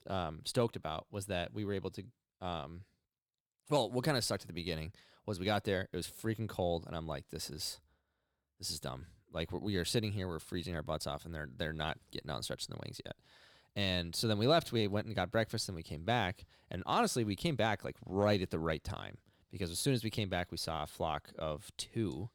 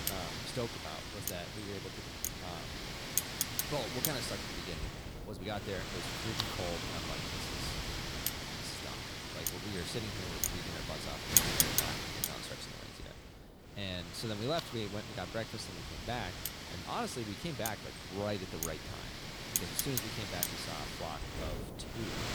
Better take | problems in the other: first | wind noise on the microphone; heavy; 4 dB above the speech

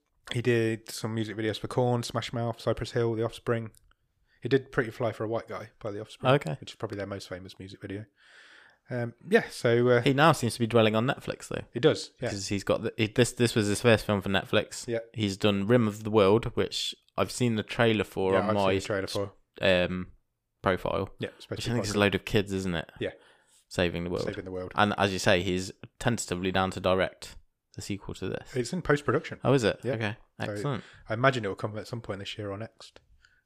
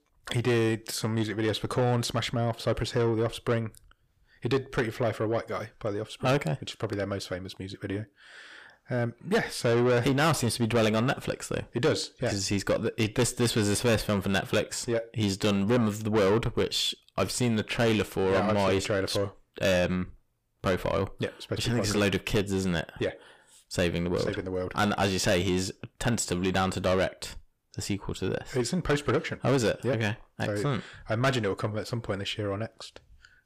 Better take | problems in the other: first | distortion; heavy; 7 dB below the speech

